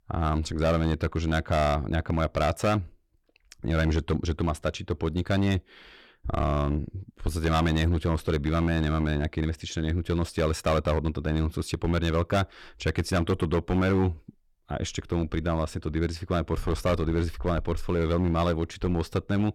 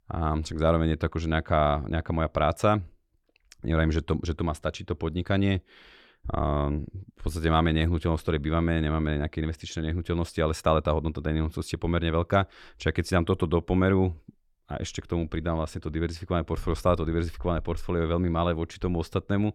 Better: second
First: distortion; slight; 8% of the sound clipped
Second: none

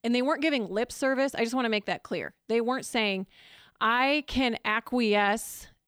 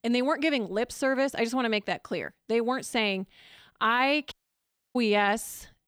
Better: first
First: none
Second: audio cutting out; at 4.5 s for 0.5 s

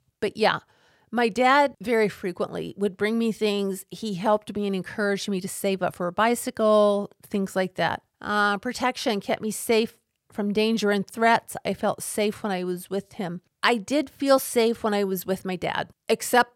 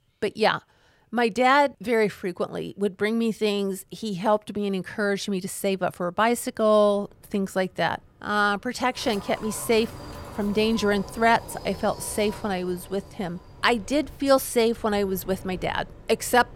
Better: first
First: none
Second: wind in the background; noticeable; throughout; 15 dB below the speech

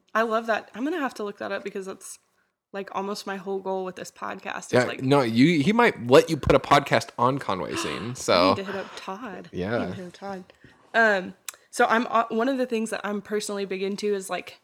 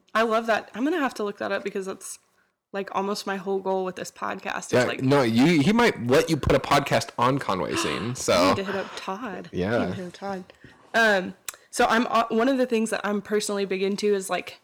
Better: first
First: none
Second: distortion; heavy; 4% of the sound clipped

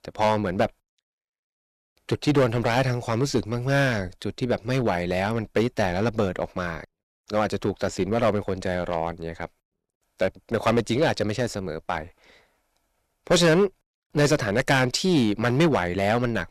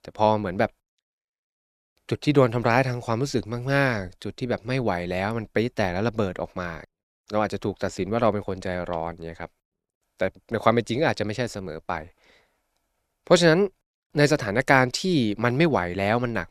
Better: second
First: distortion; heavy; 4% of the sound clipped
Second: none

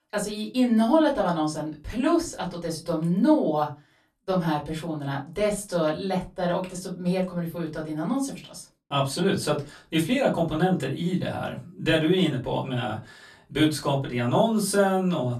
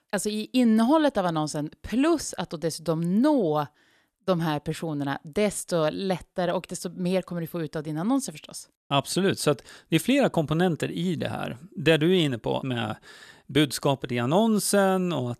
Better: second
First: off-mic speech; far // room echo; very slight; dies away in 0.2 s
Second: none

